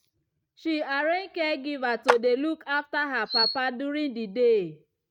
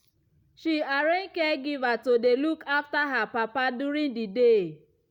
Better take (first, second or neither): second